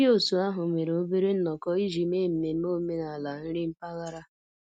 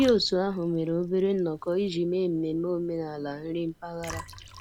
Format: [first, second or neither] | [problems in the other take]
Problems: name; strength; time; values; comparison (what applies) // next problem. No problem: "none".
first | background sound (Liquid); 19 dB below the speech